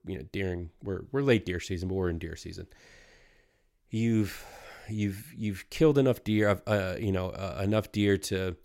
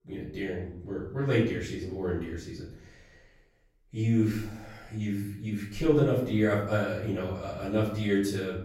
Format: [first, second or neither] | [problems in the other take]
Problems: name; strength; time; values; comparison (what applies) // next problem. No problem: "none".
first | room echo; noticeable; dies away in 0.6 s // off-mic speech; far